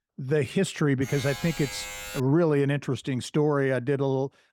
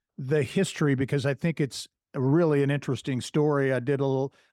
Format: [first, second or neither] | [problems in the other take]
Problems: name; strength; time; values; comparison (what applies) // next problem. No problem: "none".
second | alarm; noticeable; from 1 to 2 s; peak 9 dB below the speech